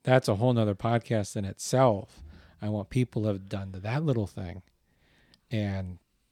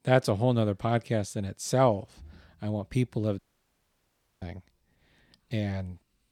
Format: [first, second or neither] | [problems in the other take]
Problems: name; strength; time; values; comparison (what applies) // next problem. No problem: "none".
first | audio cutting out; at 3.5 s for 1 s